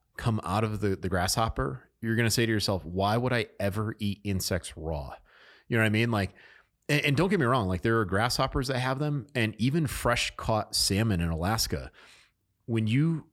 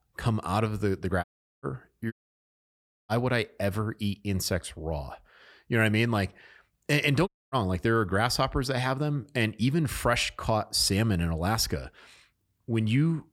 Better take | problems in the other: first | audio cutting out; at 1 s, at 2 s for 1 s and at 7.5 s

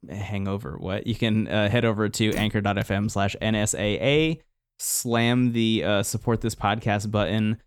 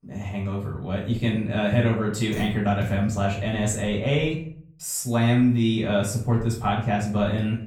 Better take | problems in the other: first | off-mic speech; far // room echo; slight; dies away in 0.5 s

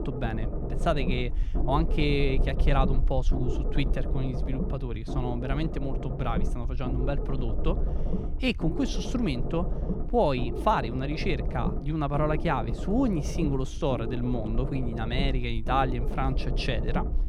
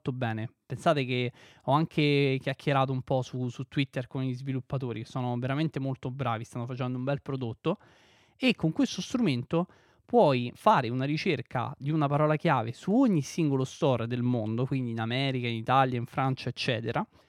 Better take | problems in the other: second | low rumble; loud; throughout; 9 dB below the speech

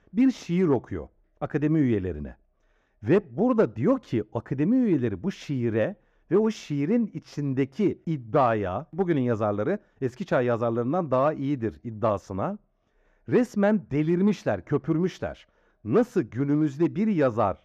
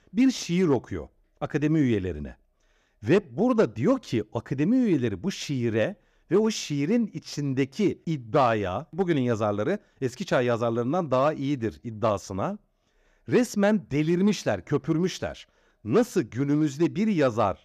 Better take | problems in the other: second | muffled; slightly; fading above 2.5 kHz

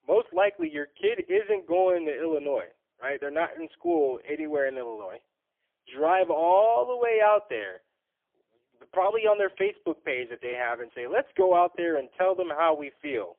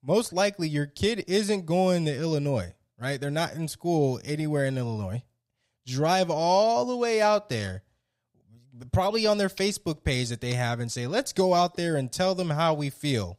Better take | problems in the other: second | phone-call audio; poor line; nothing above 3.5 kHz

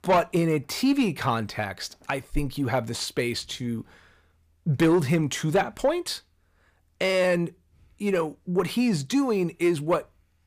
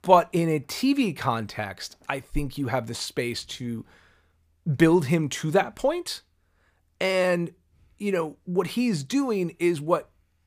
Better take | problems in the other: second | distortion; slight; 10 dB below the speech

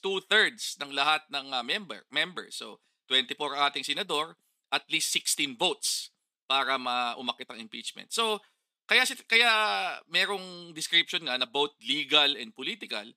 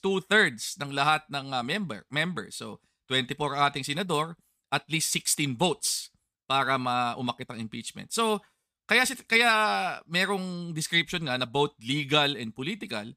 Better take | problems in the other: second | thin; very slightly; fading below 250 Hz

